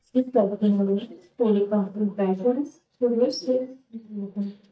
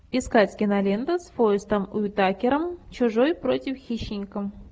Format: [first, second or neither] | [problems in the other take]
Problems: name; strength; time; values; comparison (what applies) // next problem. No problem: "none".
second | noise reduction (neural mask model DeepFilterNet 3)